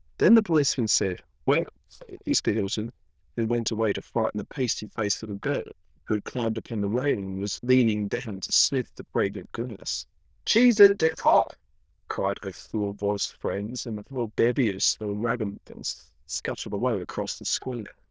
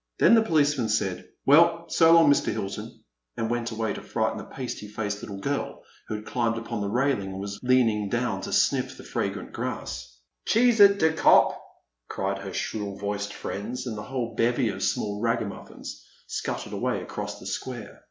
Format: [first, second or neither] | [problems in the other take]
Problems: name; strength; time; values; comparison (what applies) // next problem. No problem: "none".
second | noise reduction (neural diffusion model UNIVERSE++)